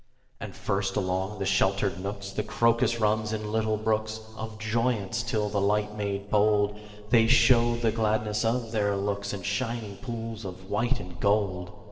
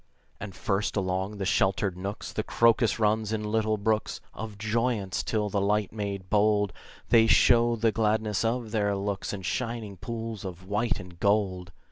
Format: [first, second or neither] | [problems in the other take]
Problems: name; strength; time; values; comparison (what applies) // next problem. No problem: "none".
second | noise reduction (neural separator model SepFormer DNS4)